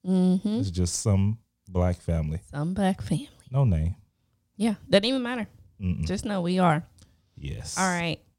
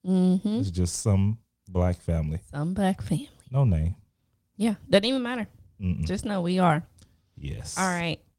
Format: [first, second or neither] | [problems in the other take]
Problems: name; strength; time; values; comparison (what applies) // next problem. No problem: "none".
first | garbled, watery; slightly; nothing above 16.5 kHz